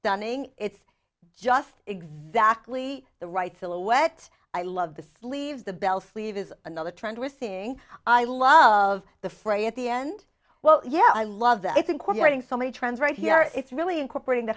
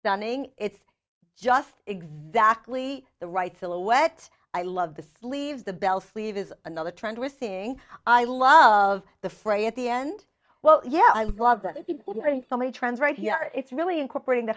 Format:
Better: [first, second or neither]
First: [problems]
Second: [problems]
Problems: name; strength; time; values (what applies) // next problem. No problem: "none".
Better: first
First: none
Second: noise reduction (neural mask model DeepFilterNet 3)